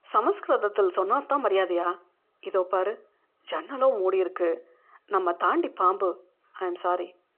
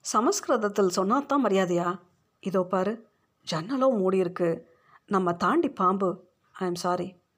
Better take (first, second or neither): second